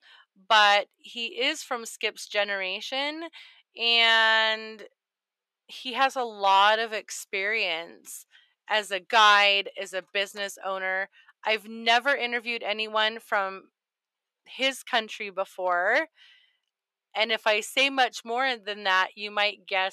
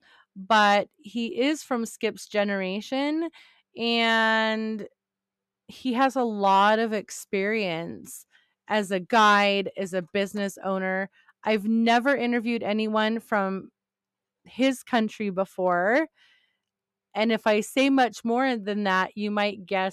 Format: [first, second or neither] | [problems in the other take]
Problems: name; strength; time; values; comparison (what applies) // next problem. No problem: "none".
second | thin; very; fading below 600 Hz